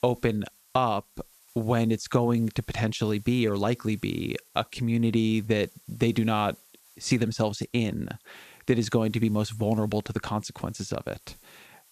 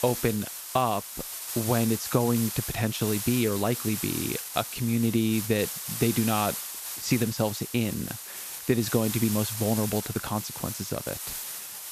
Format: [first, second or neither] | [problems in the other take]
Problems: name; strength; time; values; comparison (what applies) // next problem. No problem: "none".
first | hiss; loud; throughout; 5 dB below the speech; faint in the first